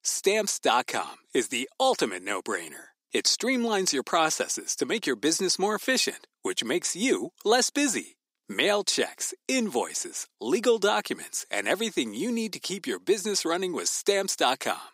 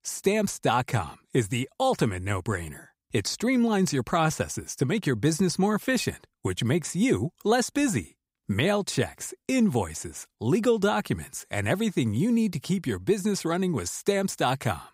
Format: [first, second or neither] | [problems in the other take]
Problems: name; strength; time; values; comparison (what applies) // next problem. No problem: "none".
second | thin; somewhat; fading below 250 Hz